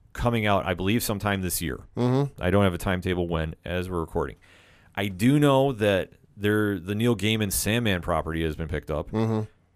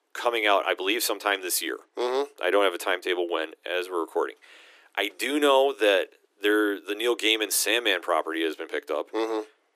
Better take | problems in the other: first | thin; very; fading below 300 Hz

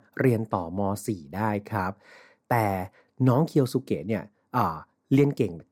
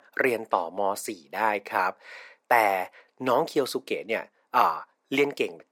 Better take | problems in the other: first | thin; very; fading below 550 Hz

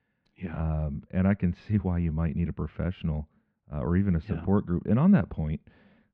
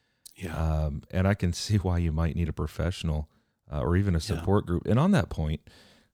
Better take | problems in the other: second | muffled; very; fading above 2.5 kHz

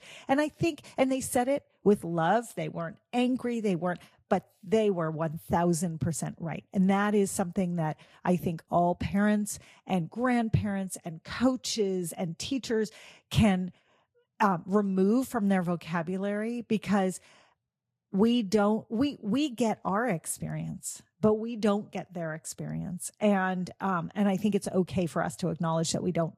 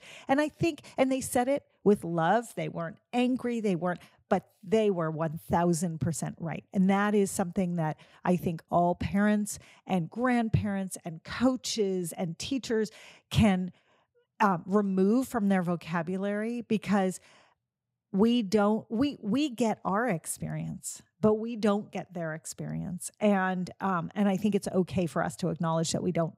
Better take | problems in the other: second | garbled, watery; slightly

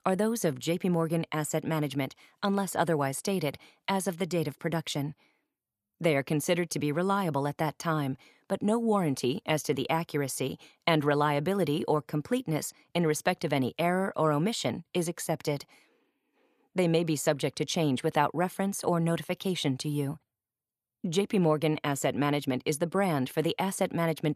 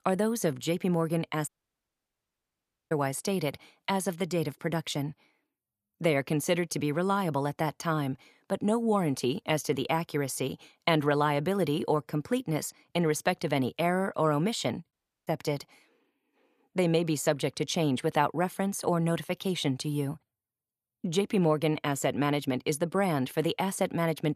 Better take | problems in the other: first | audio cutting out; at 1.5 s for 1.5 s and at 15 s

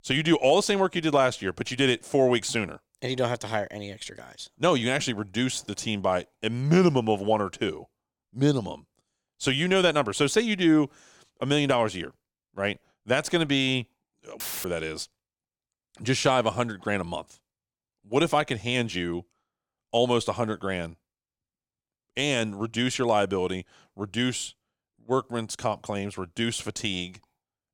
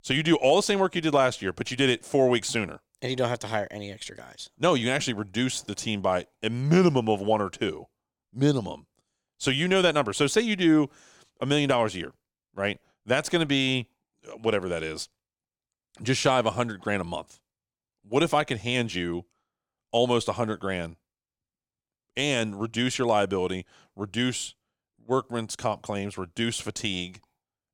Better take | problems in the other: second | audio cutting out; filled with static; at 14 s

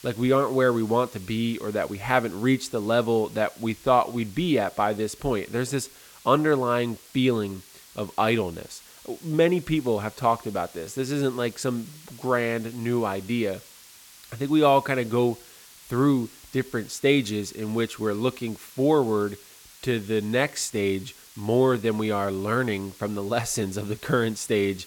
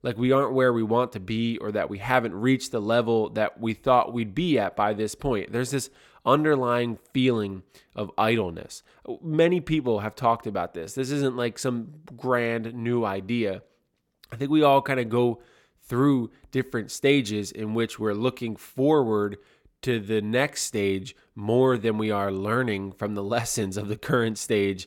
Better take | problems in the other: second | hiss; faint; throughout; 20 dB below the speech

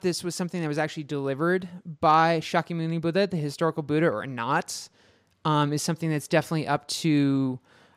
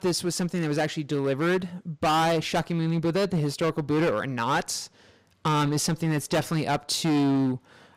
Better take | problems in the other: first | distortion; heavy; 15% of the sound clipped

